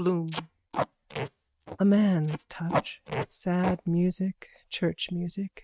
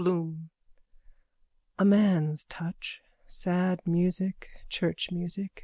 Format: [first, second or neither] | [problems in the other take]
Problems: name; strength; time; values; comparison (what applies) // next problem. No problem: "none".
second | noise reduction (neural mask model RNNoise)